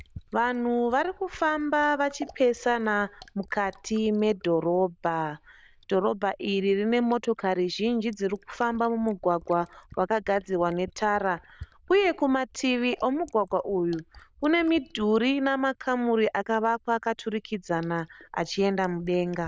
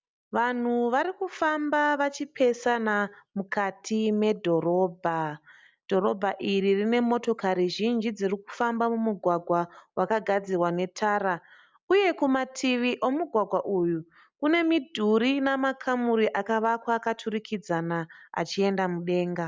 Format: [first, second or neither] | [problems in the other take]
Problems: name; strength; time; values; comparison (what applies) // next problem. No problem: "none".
second | noise reduction (neural diffusion model UNIVERSE++)